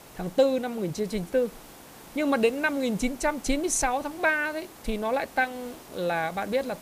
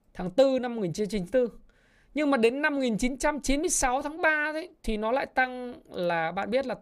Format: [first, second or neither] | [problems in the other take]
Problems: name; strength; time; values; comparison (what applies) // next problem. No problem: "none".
second | hiss; noticeable; throughout; 20 dB below the speech